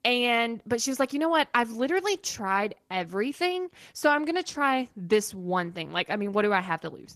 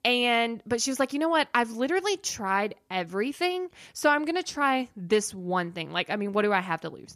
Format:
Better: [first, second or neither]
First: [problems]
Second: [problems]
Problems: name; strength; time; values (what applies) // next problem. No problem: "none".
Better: second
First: garbled, watery; slightly; nothing above 14.5 kHz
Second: none